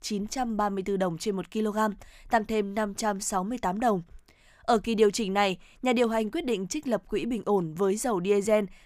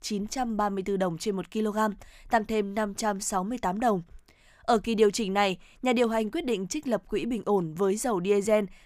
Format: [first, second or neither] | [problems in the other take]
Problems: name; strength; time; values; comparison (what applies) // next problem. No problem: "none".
neither | none